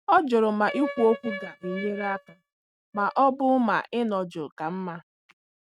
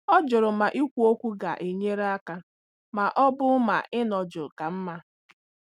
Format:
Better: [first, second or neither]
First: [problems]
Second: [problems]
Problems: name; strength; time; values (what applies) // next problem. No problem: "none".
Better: second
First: noise reduction (neural mask model RNNoise)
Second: none